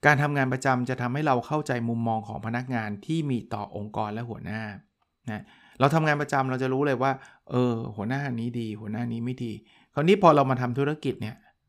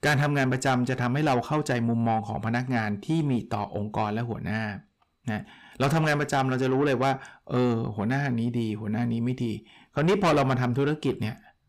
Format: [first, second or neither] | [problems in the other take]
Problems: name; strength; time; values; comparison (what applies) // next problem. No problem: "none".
first | distortion; heavy; 6 dB below the speech